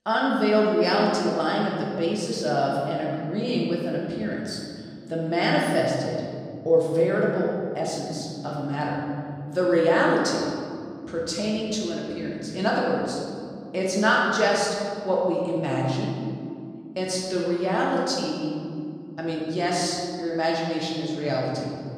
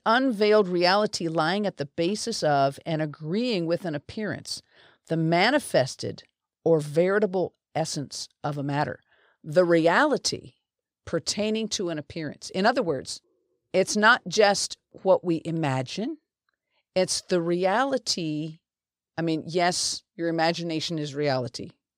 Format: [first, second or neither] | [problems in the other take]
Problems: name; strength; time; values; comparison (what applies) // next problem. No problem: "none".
second | room echo; noticeable; dies away in 2.2 s // off-mic speech; far